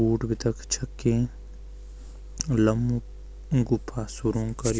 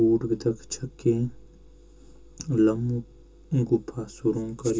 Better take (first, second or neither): first